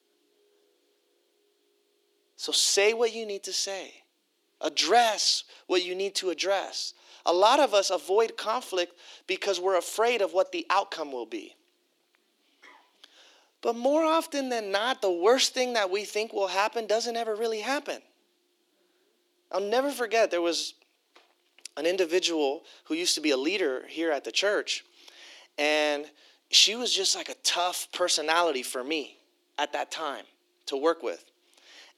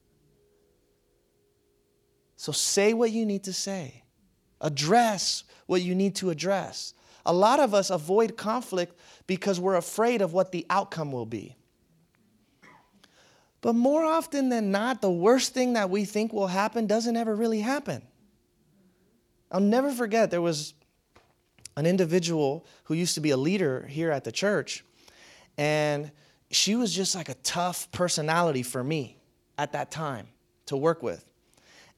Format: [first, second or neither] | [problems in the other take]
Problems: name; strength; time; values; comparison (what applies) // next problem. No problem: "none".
second | thin; somewhat; fading below 300 Hz